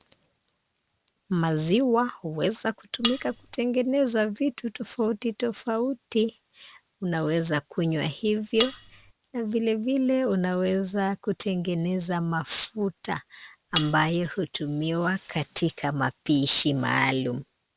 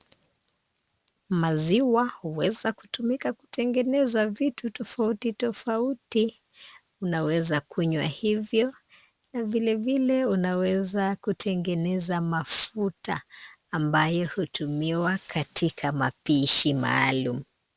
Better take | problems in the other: second | background sound (Cutlery, silverware); 6 dB below the speech

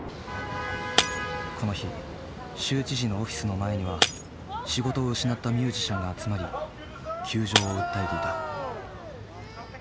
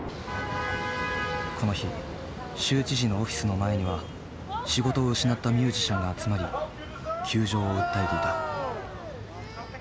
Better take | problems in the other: second | background sound (Shatter); 5 dB below the speech

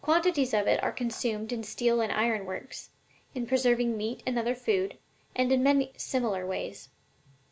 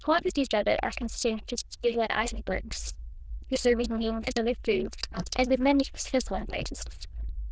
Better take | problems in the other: first | noise reduction (neural diffusion model UNIVERSE++)

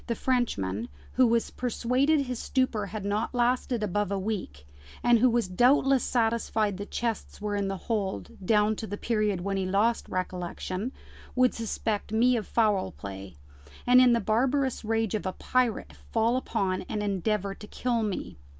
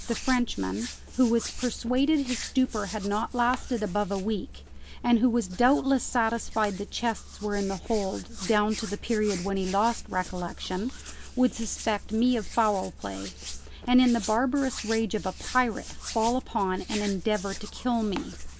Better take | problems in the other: first | background sound (Hands + Run); 12 dB below the speech

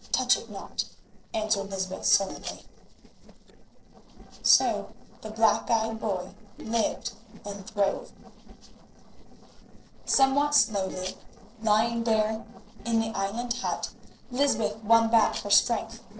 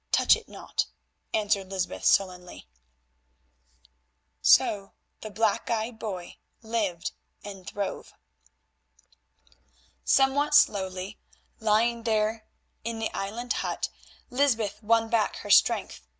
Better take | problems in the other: second | noise reduction (neural separator model SepFormer DNS4)

